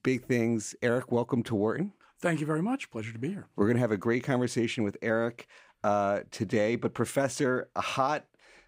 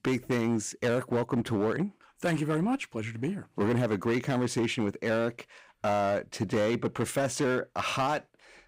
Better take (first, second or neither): first